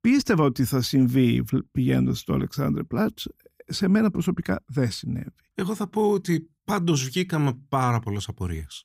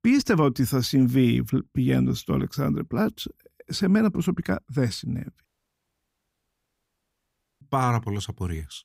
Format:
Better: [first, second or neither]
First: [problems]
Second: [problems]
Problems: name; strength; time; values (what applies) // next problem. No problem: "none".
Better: first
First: none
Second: audio cutting out; at 5.5 s for 2 s